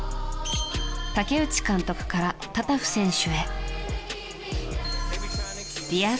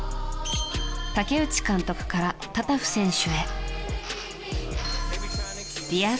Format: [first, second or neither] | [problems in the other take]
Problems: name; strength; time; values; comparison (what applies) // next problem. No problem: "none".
first | background sound (Drill); 18 dB below the speech